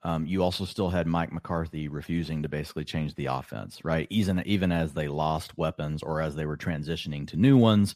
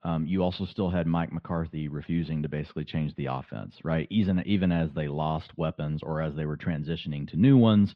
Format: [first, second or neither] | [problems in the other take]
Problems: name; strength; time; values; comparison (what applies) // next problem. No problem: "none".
first | muffled; slightly; fading above 3.5 kHz